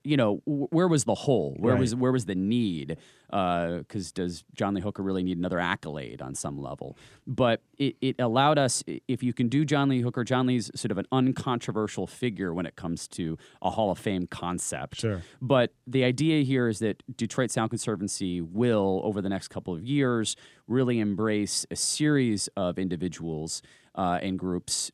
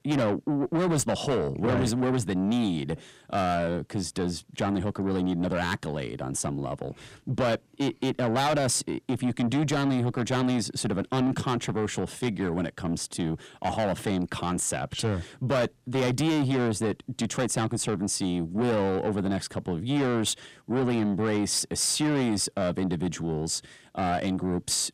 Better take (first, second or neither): first